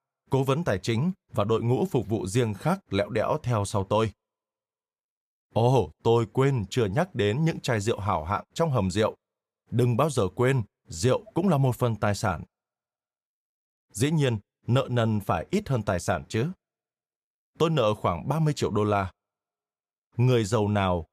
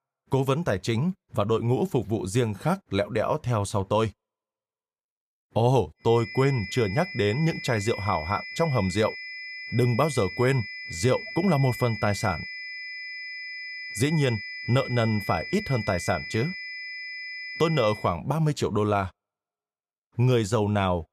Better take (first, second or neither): first